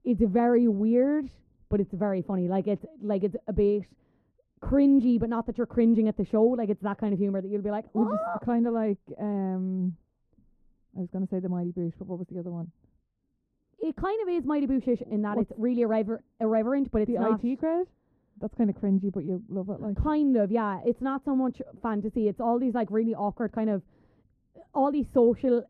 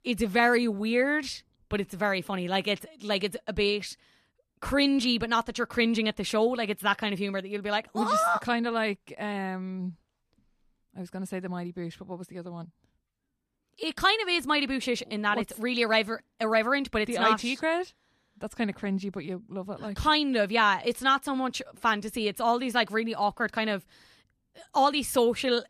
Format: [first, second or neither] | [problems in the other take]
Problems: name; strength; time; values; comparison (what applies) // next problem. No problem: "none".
second | muffled; very; fading above 1.5 kHz